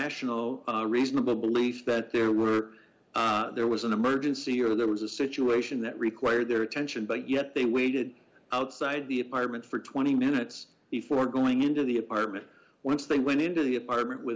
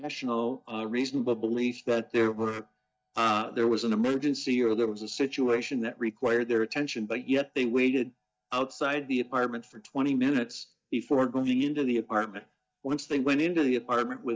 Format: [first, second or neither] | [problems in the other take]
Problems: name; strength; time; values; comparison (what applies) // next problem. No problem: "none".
first | noise reduction (neural mask model DeepFilterNet 3)